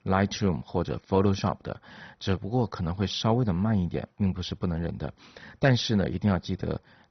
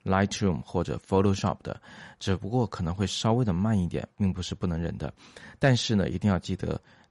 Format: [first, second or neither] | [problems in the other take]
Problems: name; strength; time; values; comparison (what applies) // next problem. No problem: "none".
second | garbled, watery; badly; nothing above 6 kHz